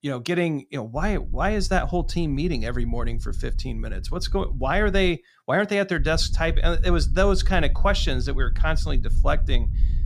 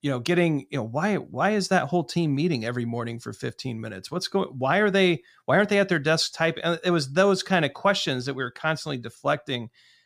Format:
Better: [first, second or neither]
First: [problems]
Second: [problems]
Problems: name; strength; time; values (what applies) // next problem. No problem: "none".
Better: second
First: wind noise on the microphone; occasional gusts; from 1 to 5 s and from 6 s on; 25 dB below the speech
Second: none